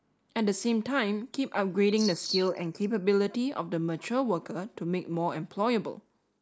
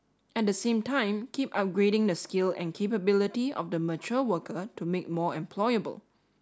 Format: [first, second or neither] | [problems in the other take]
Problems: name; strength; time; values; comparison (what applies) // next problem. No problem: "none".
second | noise reduction (neural mask model Resemble Enhance denoiser)